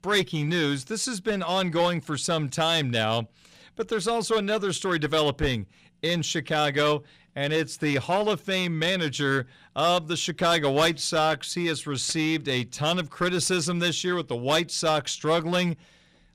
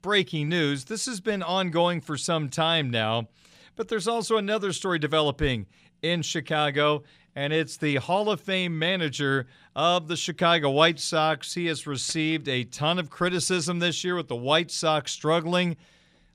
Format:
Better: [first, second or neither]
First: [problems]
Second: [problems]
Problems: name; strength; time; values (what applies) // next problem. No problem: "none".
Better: second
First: distortion; slight; 6% of the sound clipped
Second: none